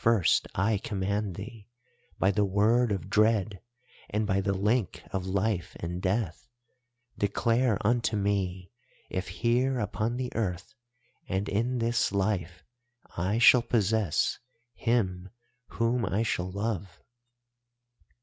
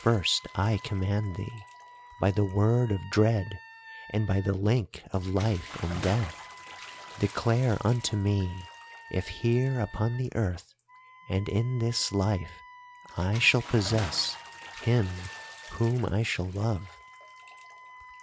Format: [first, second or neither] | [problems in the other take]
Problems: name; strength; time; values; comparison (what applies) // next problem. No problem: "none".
first | background sound (Bathtub (filling or washing) / Splash, splatter + Wind instrument, woodwind instrument); 17 dB below the speech